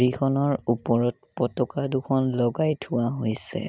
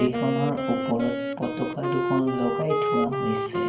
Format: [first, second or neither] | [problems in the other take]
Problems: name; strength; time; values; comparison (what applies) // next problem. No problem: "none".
first | background sound (Wind instrument, woodwind instrument); as loud as the speech // room echo; dies away in 0.8 s